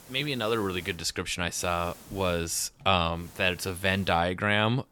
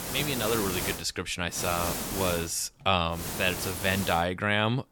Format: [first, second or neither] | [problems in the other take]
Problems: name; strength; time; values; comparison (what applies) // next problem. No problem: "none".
first | hiss; loud; at the start, at 1.5 s and at 3 s; 4 dB below the speech; faint in the first